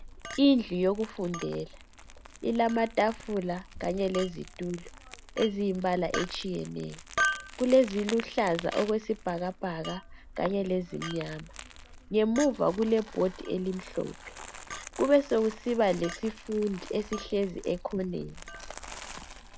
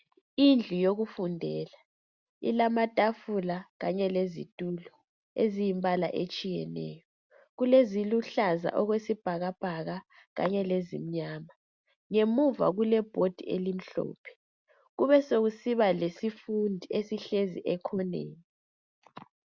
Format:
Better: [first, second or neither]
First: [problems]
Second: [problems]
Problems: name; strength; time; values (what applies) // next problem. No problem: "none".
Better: second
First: background sound (Crumpling, crinkling + Chink, clink); 12 dB below the speech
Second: none